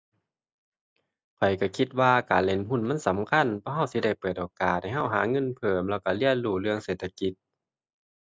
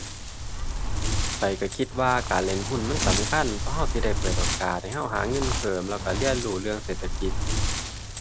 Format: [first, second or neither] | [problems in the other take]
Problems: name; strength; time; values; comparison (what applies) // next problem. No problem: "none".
first | background sound (Wind); 1 dB above the speech